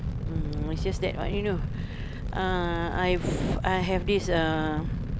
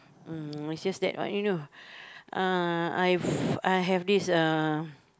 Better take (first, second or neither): second